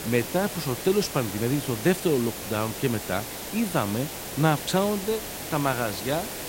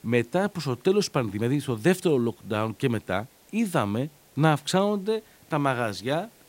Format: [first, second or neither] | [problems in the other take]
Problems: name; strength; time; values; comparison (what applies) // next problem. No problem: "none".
second | hiss; loud; throughout; 7 dB below the speech; faint in the second